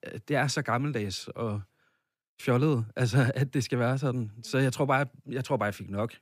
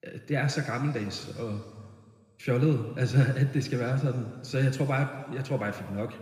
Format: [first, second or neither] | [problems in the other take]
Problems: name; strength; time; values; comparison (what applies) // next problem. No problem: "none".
first | room echo; noticeable; dies away in 1.9 s // off-mic speech; somewhat distant